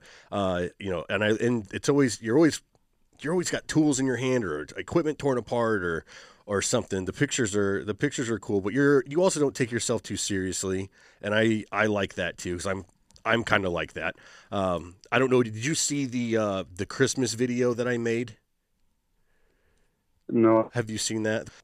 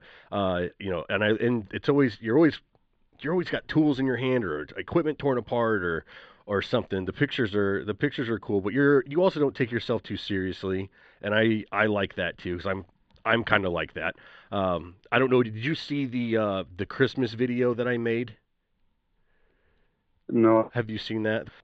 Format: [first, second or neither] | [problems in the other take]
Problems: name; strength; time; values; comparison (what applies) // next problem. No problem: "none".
first | muffled; very; fading above 3.5 kHz